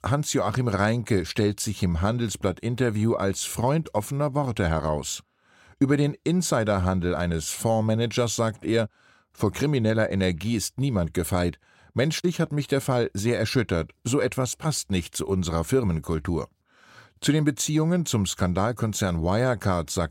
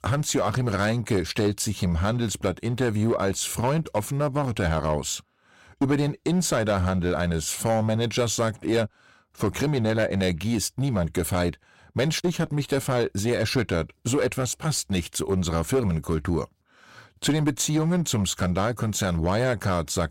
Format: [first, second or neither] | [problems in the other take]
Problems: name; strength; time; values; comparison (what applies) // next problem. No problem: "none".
first | distortion; slight; 8% of the sound clipped